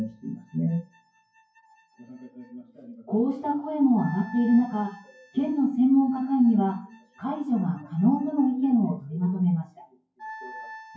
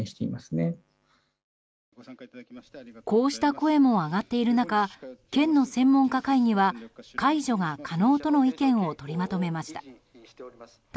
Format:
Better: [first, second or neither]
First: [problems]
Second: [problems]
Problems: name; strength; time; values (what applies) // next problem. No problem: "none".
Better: second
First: noise reduction (classical method WPE with log-MMSE)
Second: none